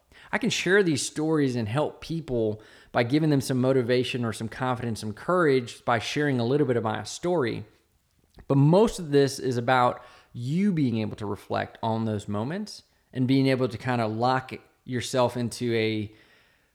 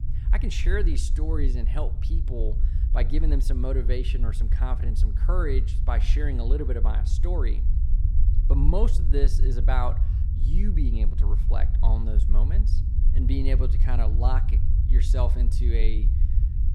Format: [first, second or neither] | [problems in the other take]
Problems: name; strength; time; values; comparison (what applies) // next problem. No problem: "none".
first | low rumble; loud; throughout; 9 dB below the speech